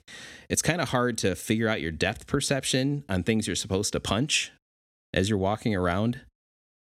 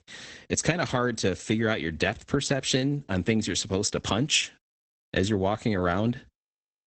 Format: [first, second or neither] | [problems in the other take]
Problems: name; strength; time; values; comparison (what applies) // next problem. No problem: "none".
first | garbled, watery; badly; nothing above 8 kHz